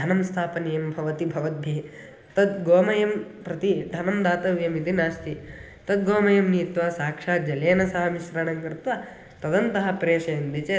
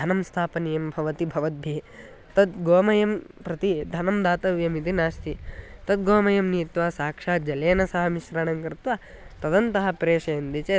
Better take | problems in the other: second | room echo; dies away in 0.8 s

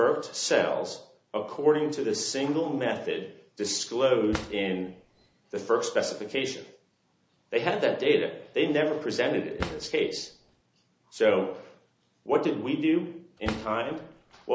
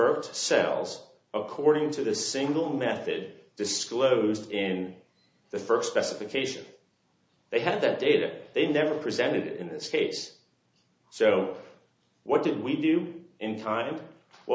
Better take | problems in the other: second | background sound (Drawer open or close); 12 dB below the speech

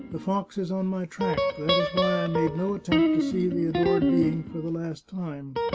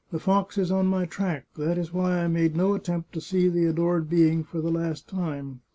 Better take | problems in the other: second | background sound (Guitar); 1 dB above the speech

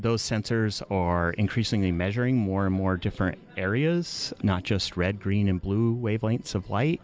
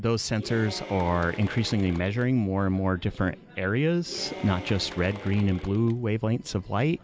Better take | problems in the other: first | background sound (Applause / Cheering); 16 dB below the speech

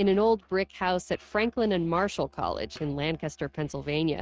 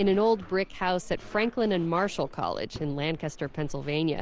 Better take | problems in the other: second | noise reduction (neural mask model RNNoise)

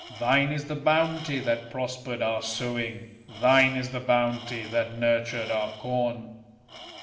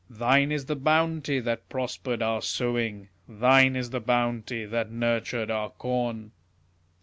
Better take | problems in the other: second | background sound (Tools); 19 dB below the speech // room echo; dies away in 1.9 s

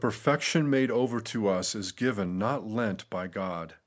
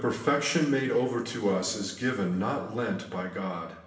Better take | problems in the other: first | room echo; dies away in 1.1 s

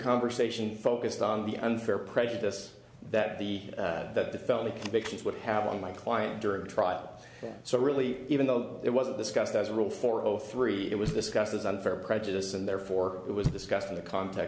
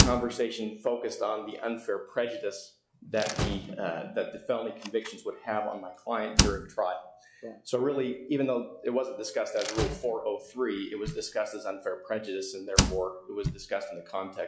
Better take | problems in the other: first | noise reduction (classical method log-MMSE)

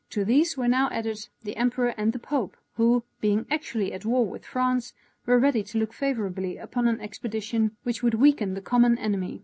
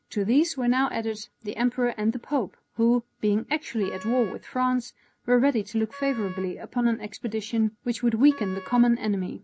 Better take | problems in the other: first | background sound (Wind instrument, woodwind instrument); 19 dB below the speech

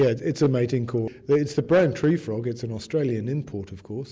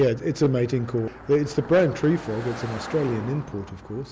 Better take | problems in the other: first | background sound (Car passing by); 16 dB below the speech

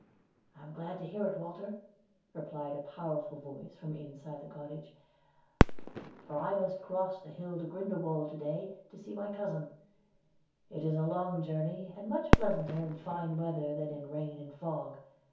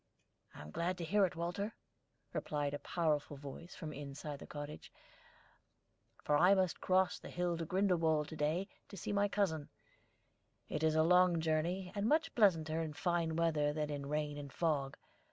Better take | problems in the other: second | background sound (Fireworks); as loud as the speech // room echo; dies away in 0.6 s

